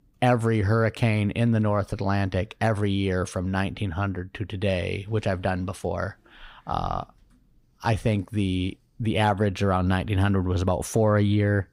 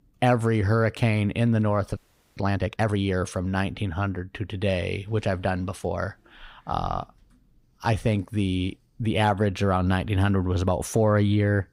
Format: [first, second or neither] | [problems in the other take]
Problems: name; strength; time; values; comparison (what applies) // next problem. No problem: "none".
first | audio freezing; at 2 s